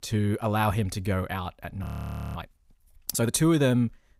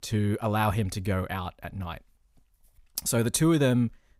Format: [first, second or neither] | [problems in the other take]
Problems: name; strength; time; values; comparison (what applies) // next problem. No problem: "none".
second | audio freezing; at 2 s for 0.5 s